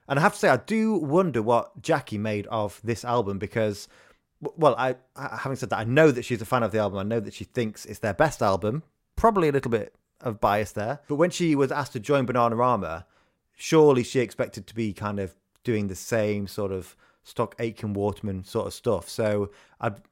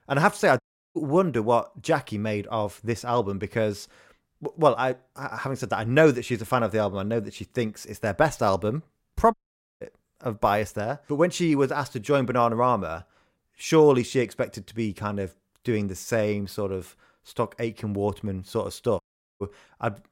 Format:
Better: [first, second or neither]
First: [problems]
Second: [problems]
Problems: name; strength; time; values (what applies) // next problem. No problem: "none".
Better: first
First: none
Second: audio cutting out; at 0.5 s, at 9.5 s and at 19 s